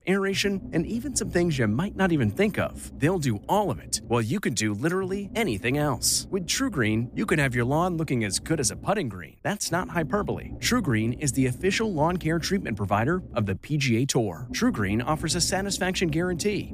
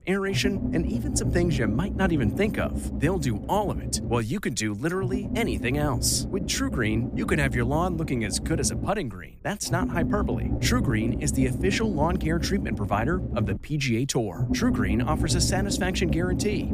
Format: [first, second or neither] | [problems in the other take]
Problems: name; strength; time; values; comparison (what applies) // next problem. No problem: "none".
first | low rumble; loud; throughout; 9 dB below the speech; faint in the first